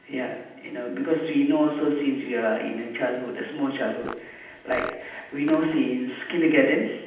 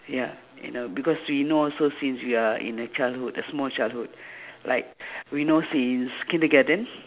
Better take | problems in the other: second | background sound (Fart); 14 dB below the speech // room echo; dies away in 0.8 s

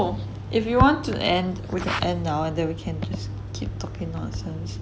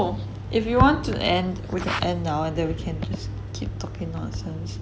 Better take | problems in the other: first | background sound (Animal); 12 dB below the speech

